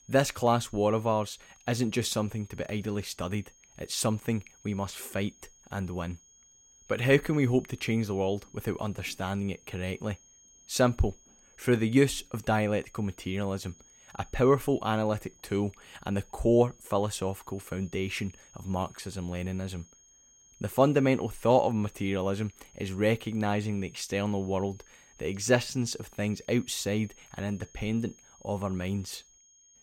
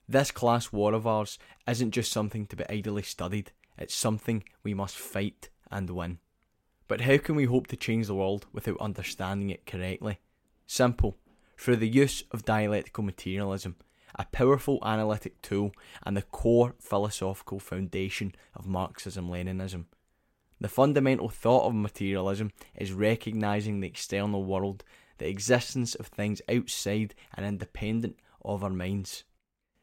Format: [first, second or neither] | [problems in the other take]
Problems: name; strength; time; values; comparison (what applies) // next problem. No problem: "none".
second | high-pitched whine; faint; throughout; 6.5 kHz, 25 dB below the speech